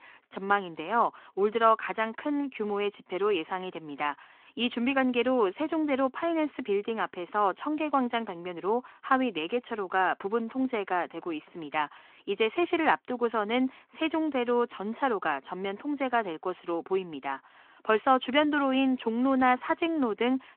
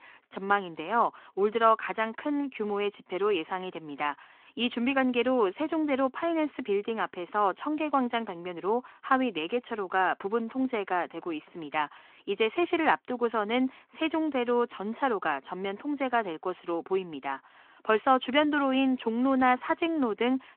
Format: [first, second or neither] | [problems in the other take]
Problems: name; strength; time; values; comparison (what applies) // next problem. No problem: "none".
neither | phone-call audio; the same in both